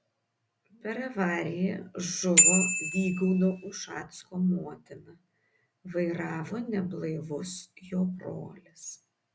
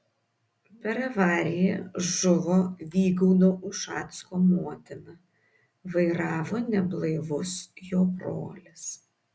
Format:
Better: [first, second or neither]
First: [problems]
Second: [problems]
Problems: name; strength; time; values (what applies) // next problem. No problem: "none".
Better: second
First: background sound (Bicycle bell); 4 dB above the speech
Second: none